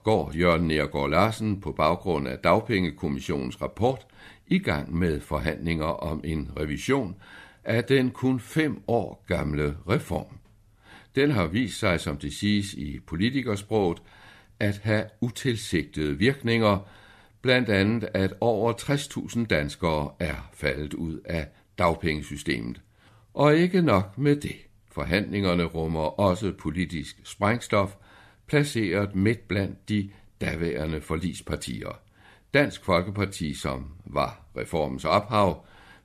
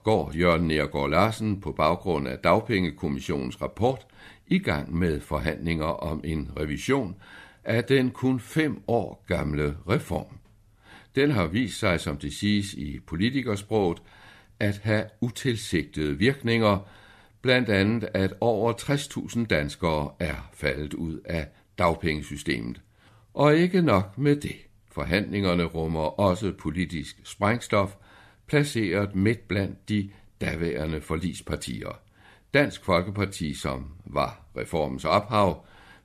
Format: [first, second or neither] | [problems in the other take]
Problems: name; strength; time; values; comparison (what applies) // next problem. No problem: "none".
neither | none